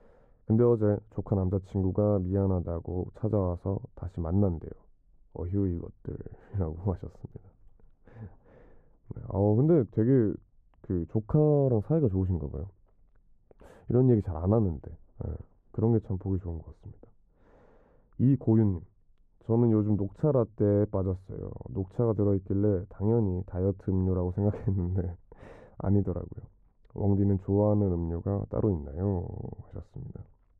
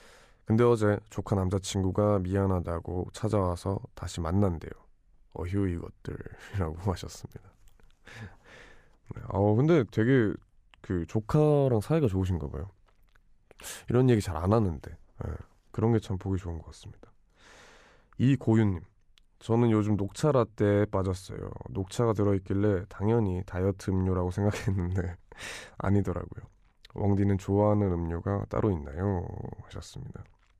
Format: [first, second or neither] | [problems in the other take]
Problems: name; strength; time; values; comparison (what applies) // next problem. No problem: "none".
second | muffled; very; fading above 1.5 kHz